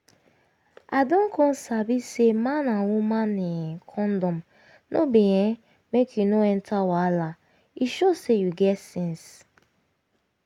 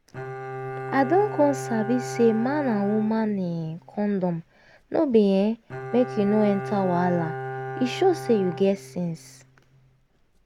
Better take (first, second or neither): first